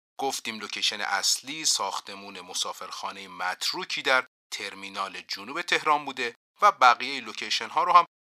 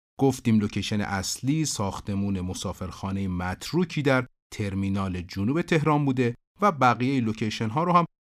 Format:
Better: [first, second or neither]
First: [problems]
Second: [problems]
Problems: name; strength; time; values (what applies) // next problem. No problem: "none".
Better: second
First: thin; very; fading below 900 Hz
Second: none